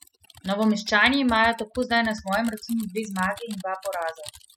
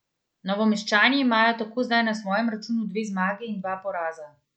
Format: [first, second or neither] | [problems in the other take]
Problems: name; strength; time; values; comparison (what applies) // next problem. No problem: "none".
second | noise reduction (classical method spectral subtraction)